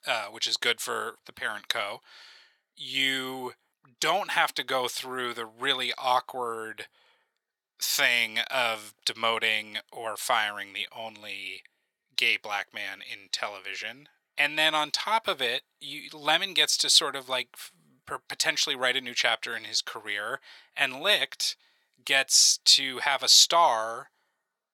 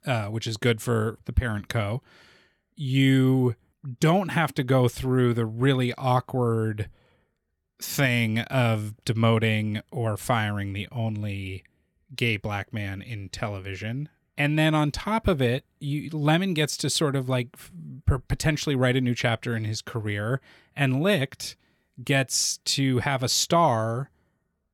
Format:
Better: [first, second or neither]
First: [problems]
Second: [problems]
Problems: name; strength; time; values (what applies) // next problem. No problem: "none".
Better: second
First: thin; very; fading below 800 Hz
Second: none